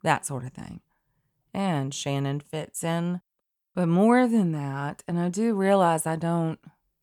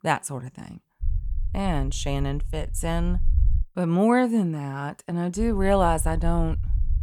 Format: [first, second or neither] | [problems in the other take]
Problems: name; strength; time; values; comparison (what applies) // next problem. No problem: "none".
first | low rumble; faint; from 1 to 3.5 s and from 5.5 s on; 25 dB below the speech